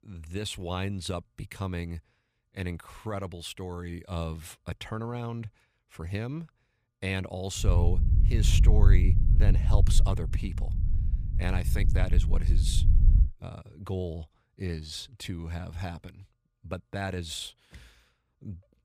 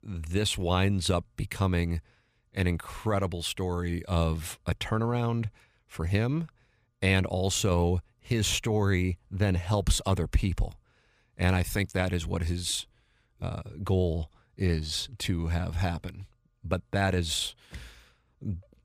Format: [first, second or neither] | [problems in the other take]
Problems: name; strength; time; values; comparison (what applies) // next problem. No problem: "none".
second | low rumble; loud; from 7.5 to 13 s; 6 dB below the speech